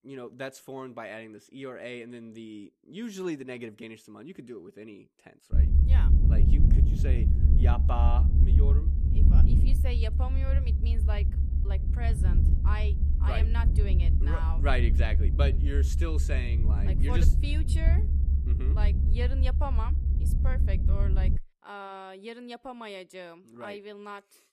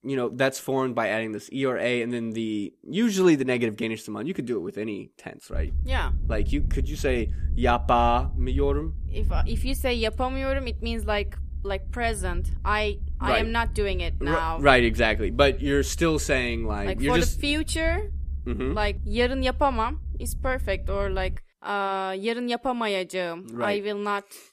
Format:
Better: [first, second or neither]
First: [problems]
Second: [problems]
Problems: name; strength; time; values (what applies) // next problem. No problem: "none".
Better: second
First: low rumble; loud; from 5.5 to 21 s; 4 dB below the speech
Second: low rumble; faint; from 5.5 to 21 s; 25 dB below the speech